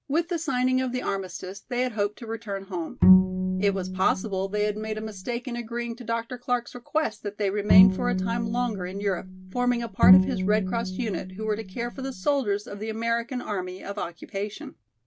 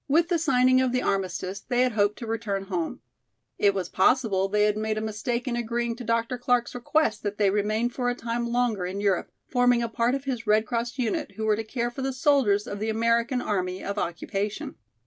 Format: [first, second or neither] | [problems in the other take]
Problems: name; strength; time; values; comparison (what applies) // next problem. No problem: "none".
second | background sound (Bowed string instrument); 4 dB above the speech